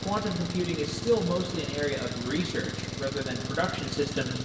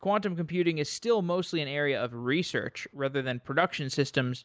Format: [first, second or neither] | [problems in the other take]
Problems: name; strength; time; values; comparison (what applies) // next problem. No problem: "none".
second | background sound (Engine); 4 dB below the speech // room echo; dies away in 1.2 s